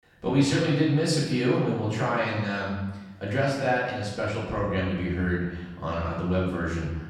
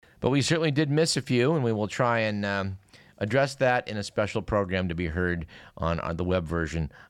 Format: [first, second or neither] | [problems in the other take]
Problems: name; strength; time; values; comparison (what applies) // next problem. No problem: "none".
second | off-mic speech; far // room echo; noticeable; dies away in 1 s